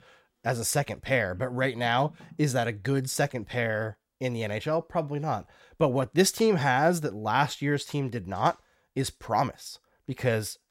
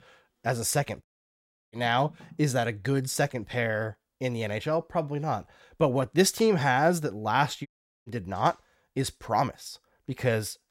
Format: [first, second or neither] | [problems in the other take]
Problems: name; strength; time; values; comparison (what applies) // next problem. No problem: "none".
first | audio cutting out; at 1 s for 0.5 s and at 7.5 s